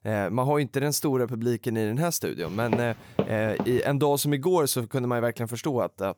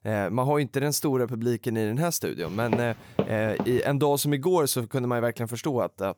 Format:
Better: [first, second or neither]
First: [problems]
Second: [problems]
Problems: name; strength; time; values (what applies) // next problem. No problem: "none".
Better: neither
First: footsteps; noticeable; from 2.5 to 4 s; peak 5 dB below the speech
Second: footsteps; noticeable; from 2.5 to 4 s; peak 5 dB below the speech